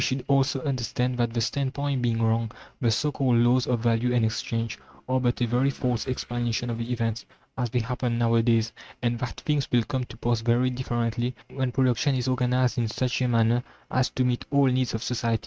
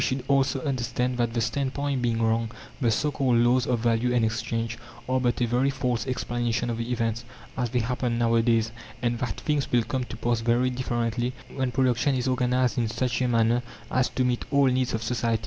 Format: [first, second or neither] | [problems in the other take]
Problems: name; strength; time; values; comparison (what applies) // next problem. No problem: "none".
second | noise reduction (neural mask model RNNoise)